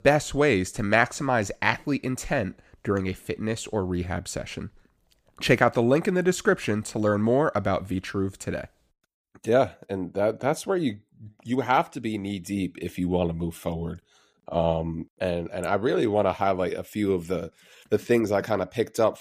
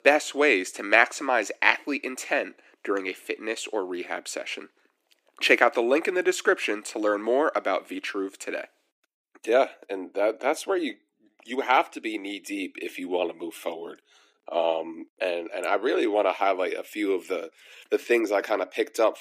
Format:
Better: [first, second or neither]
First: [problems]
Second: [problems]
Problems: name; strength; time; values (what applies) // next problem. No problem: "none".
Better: first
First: none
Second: thin; somewhat; fading below 300 Hz